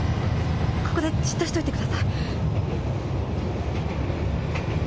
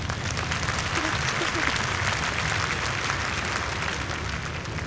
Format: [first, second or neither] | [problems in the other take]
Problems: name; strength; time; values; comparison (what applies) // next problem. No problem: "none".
first | background sound (Applause); 3 dB above the speech